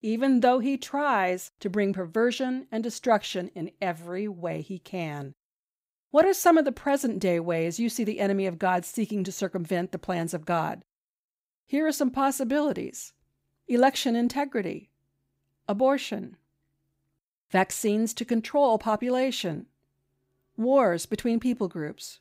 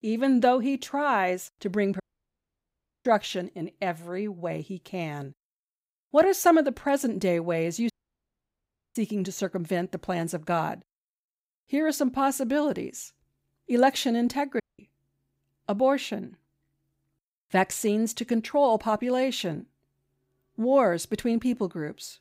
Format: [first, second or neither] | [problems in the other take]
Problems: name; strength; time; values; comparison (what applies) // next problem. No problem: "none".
first | audio cutting out; at 2 s for 1 s, at 8 s for 1 s and at 15 s